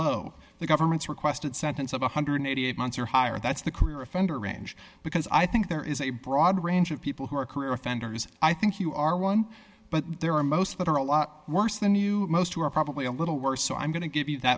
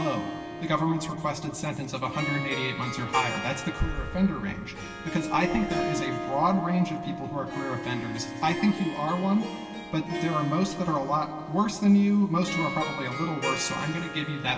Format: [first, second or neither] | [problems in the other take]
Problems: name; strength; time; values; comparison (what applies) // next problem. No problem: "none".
first | background sound (Harp); 7 dB below the speech // room echo; dies away in 2 s